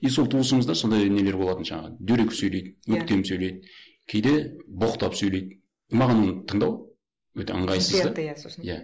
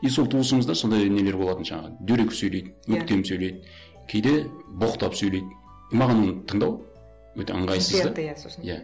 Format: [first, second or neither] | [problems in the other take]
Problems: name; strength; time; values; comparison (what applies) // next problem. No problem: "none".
second | noise reduction (neural mask model Resemble Enhance denoiser)